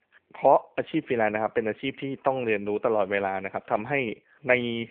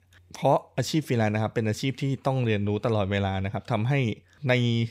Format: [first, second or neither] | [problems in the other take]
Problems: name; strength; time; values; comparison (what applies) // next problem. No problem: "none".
second | phone-call audio; nothing above 3 kHz